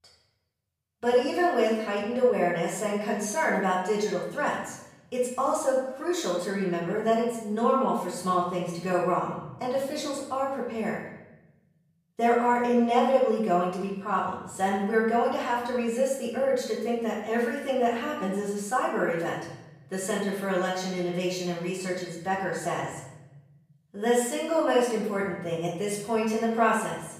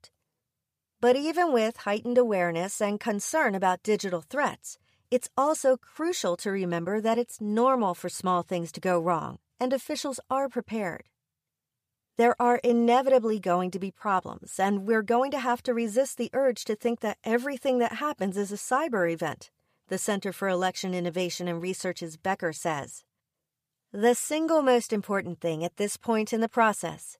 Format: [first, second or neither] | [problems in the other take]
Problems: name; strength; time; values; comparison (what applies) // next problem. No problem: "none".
second | off-mic speech; far // room echo; noticeable; dies away in 0.9 s